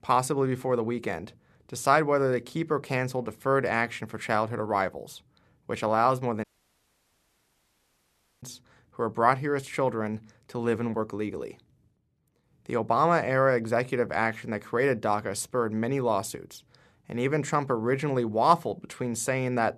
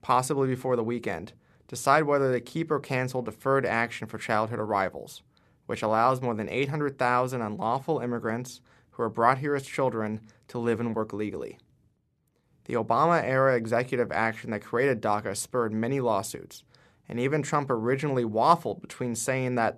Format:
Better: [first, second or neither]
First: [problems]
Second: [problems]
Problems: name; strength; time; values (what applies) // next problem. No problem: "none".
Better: second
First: audio cutting out; at 6.5 s for 2 s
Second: none